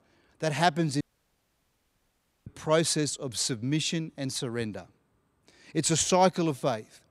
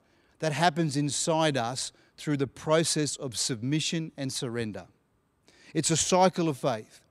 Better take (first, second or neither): second